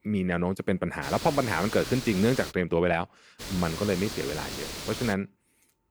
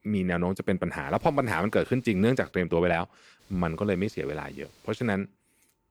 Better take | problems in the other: second | hiss; loud; from 1 to 2.5 s and from 3.5 to 5 s; 9 dB below the speech; faint in the second

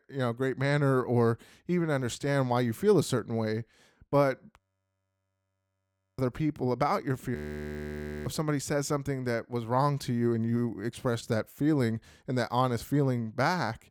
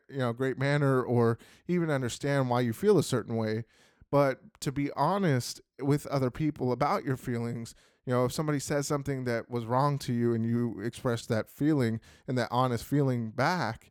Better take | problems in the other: second | audio freezing; at 4.5 s for 1.5 s and at 7.5 s for 1 s

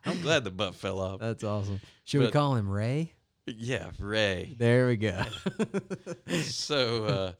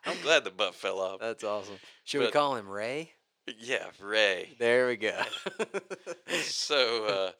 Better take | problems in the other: first | thin; very; fading below 500 Hz

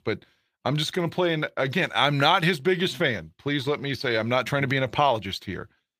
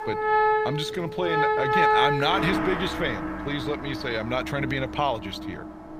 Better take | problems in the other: first | background music; very loud; throughout; 2 dB above the speech

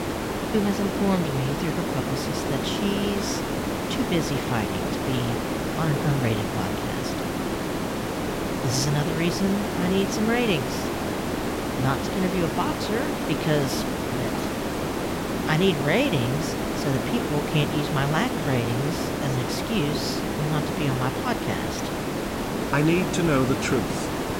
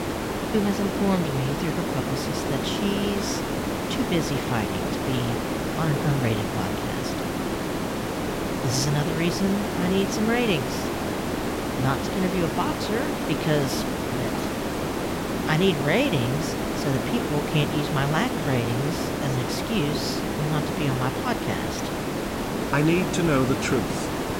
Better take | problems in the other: neither | hiss; loud; throughout; 1 dB below the speech; the same in both

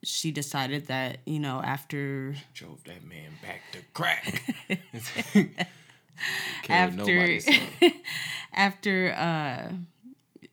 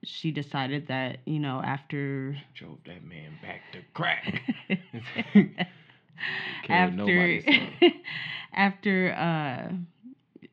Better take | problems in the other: first | muffled; slightly; fading above 3 kHz

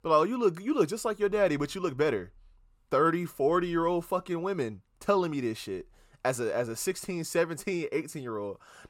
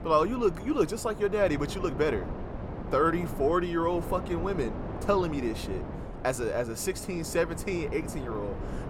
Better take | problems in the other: first | wind noise on the microphone; occasional gusts; 10 dB below the speech

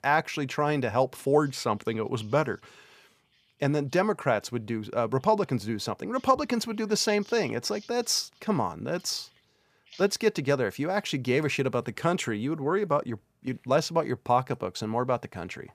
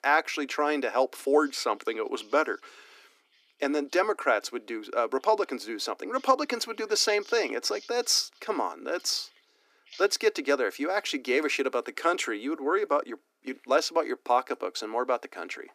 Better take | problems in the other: first | thin; very slightly; fading below 300 Hz

